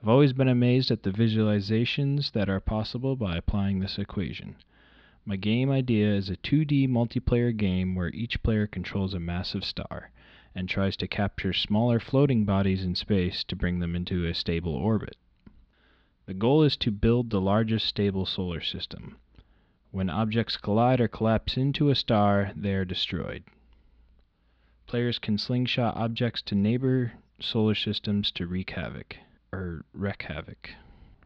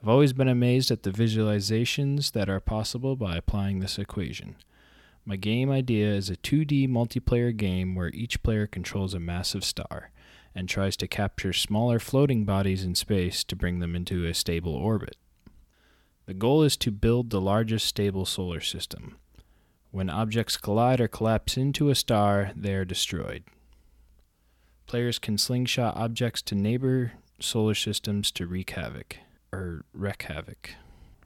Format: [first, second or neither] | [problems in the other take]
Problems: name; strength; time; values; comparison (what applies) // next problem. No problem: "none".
second | muffled; very slightly; fading above 4 kHz